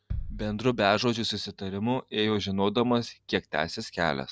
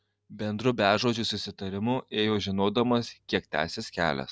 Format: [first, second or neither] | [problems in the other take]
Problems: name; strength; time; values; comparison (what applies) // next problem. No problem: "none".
second | background sound (Bass drum); 15 dB below the speech